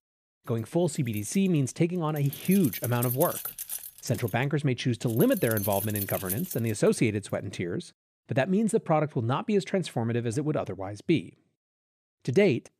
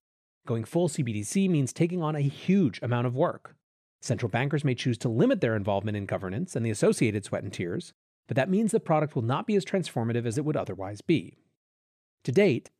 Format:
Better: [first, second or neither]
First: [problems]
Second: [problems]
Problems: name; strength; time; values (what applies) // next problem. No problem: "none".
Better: second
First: jangling keys; noticeable; from 1 to 7 s; peak 3 dB below the speech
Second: none